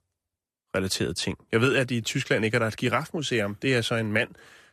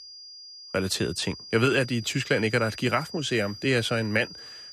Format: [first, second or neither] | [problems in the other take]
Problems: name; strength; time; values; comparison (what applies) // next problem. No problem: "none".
first | high-pitched whine; noticeable; throughout; 5 kHz, 15 dB below the speech